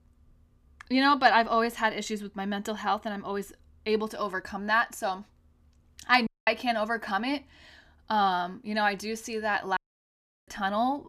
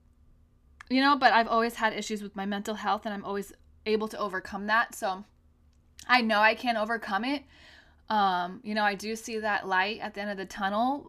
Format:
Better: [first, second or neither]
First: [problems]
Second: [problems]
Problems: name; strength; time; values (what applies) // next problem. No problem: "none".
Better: second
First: audio cutting out; at 6.5 s and at 10 s for 0.5 s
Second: none